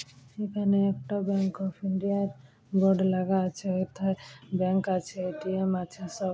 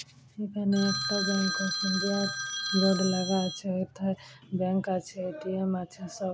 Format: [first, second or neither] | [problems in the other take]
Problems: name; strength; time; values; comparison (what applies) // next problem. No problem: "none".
first | background sound (Telephone); 3 dB below the speech